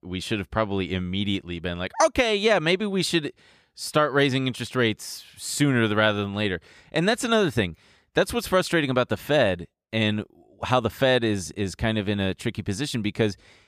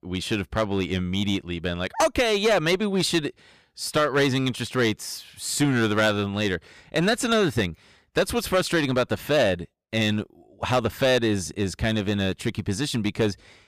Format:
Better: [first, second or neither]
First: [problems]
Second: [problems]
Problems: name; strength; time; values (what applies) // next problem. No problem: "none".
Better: first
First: none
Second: distortion; slight; 5% of the sound clipped